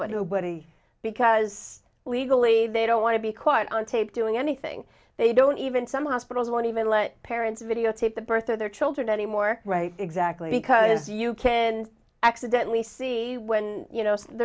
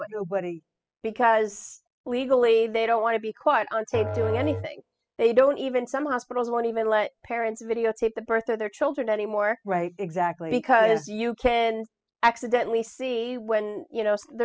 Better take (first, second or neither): first